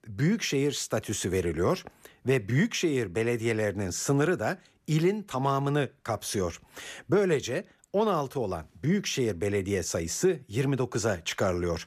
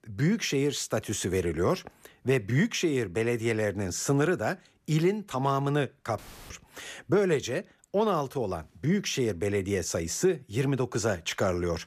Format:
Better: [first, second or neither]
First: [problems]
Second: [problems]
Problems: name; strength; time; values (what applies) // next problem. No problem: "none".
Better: first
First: none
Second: audio cutting out; filled with static; at 6 s